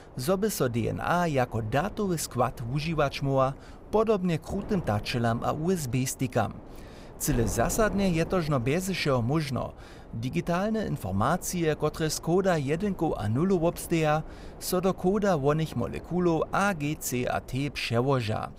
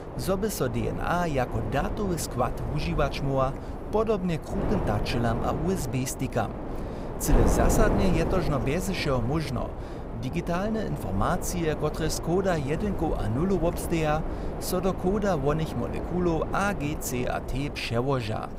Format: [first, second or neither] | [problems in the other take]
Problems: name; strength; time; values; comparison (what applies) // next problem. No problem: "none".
first | wind noise on the microphone; heavy; 6 dB below the speech; occasional gusts in the first